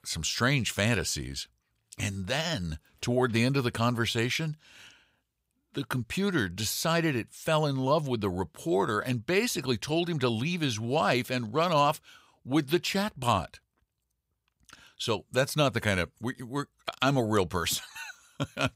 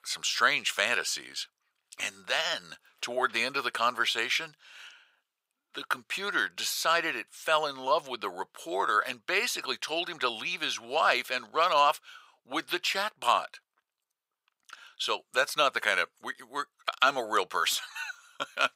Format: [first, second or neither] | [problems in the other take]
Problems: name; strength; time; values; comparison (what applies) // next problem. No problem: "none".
first | thin; very; fading below 600 Hz